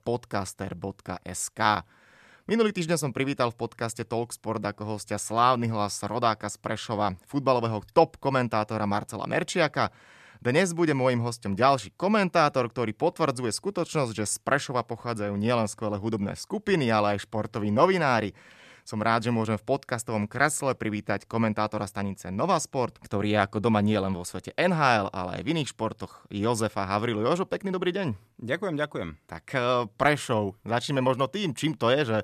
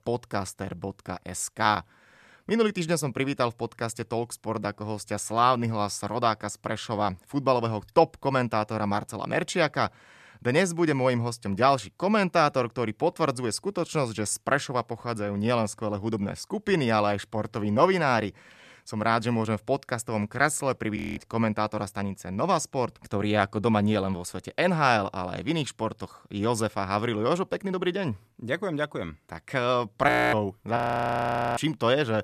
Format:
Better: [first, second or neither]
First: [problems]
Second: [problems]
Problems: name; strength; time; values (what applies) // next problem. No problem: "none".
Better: first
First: none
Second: audio freezing; at 21 s, at 30 s and at 31 s for 1 s